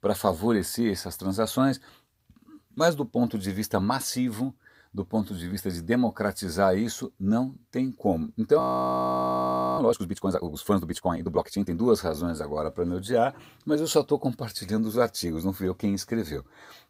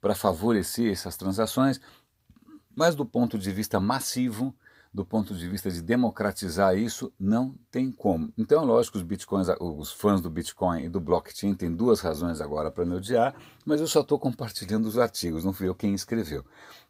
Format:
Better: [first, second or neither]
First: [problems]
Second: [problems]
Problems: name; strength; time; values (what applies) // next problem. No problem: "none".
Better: second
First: audio freezing; at 8.5 s for 1 s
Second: none